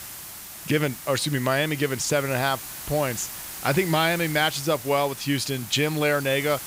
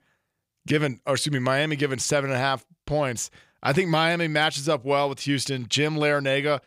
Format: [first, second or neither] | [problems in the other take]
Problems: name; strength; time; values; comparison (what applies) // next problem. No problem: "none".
second | hiss; noticeable; throughout; 10 dB below the speech